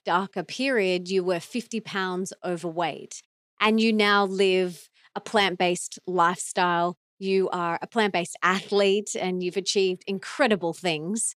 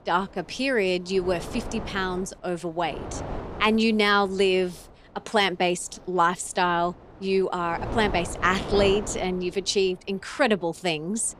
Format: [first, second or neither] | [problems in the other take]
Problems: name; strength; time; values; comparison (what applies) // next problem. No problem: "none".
first | wind noise on the microphone; occasional gusts; 15 dB below the speech